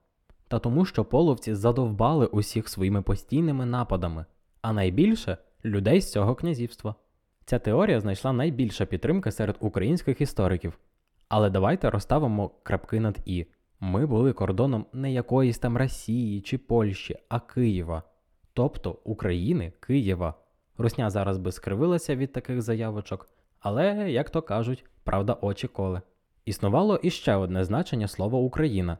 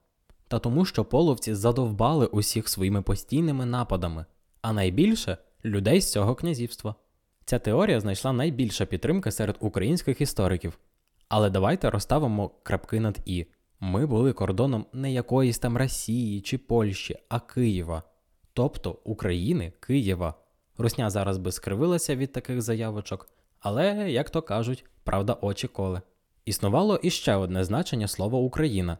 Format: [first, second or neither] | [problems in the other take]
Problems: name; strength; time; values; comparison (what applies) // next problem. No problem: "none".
second | muffled; slightly; fading above 3.5 kHz